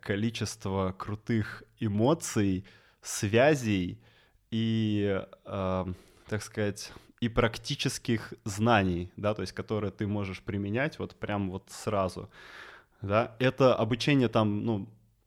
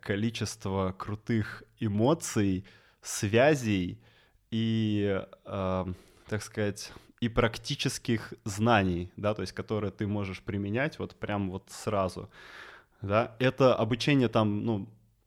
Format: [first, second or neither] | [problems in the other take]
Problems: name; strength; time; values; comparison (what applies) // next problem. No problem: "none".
neither | none